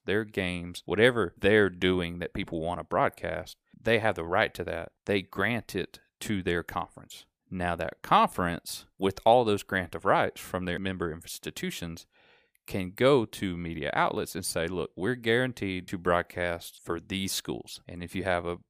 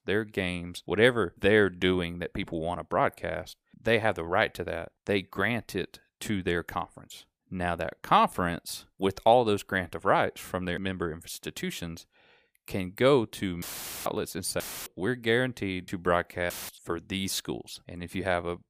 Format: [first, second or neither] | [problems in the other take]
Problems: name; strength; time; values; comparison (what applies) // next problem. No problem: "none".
first | audio cutting out; filled with static; at 14 s, at 15 s and at 17 s